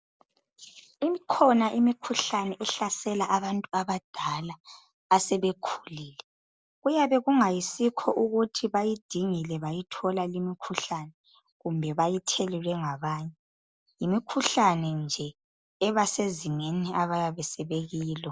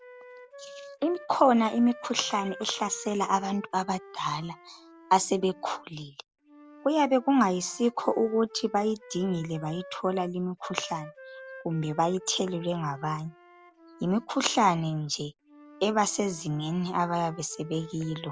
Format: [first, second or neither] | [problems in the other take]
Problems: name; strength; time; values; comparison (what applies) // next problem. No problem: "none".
first | background sound (Wind instrument, woodwind instrument); 20 dB below the speech